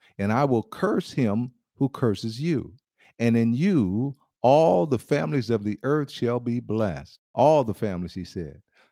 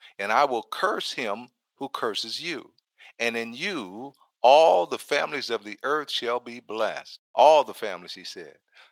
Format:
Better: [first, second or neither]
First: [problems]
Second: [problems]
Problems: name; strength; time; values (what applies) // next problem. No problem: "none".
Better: first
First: none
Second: thin; very; fading below 800 Hz